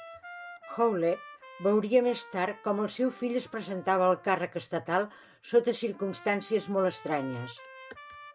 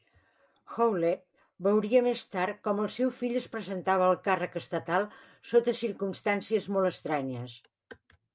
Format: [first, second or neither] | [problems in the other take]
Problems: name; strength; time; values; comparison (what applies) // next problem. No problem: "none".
second | background sound (Trumpet); 20 dB below the speech